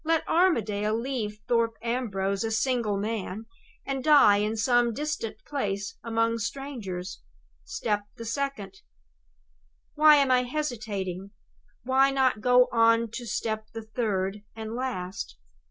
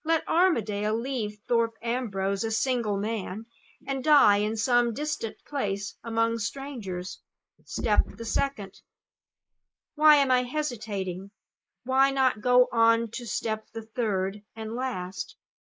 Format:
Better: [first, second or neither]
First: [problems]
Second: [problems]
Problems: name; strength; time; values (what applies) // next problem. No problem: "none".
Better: first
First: none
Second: noise reduction (neural mask model Resemble Enhance denoiser)